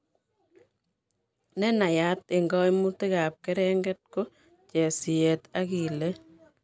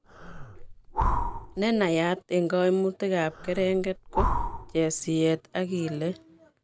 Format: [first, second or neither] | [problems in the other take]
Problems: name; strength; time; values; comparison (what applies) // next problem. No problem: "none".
first | background sound (Breathing); 4 dB below the speech